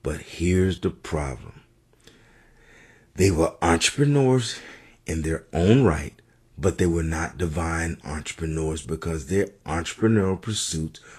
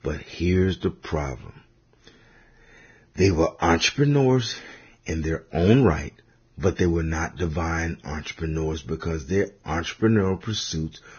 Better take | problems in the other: first | garbled, watery; badly; nothing above 6.5 kHz; slightly in the first

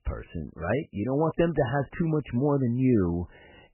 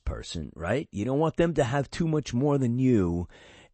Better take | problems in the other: second | garbled, watery; badly; nothing above 3 kHz; slightly in the second

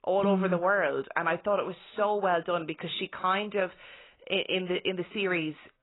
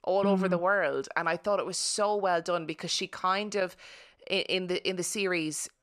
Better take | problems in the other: second | garbled, watery; badly; nothing above 4 kHz

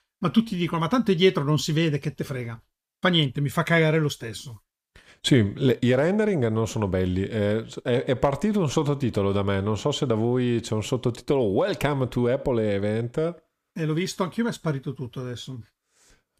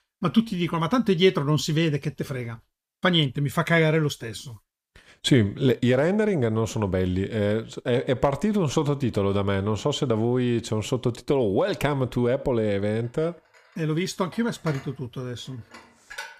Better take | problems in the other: first | clattering dishes; faint; from 13 s on; peak 15 dB below the speech

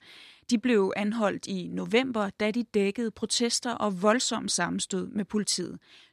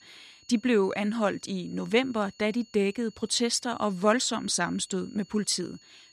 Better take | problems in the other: first | high-pitched whine; faint; throughout; 4.5 kHz, 25 dB below the speech

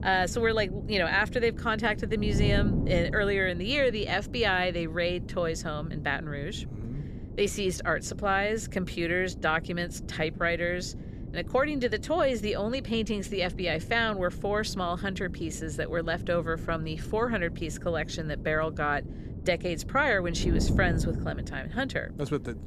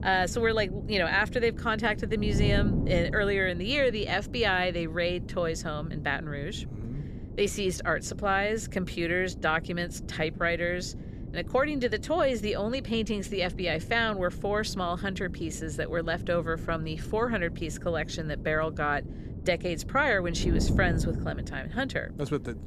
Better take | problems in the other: neither | wind noise on the microphone; occasional gusts; 15 dB below the speech; the same in both

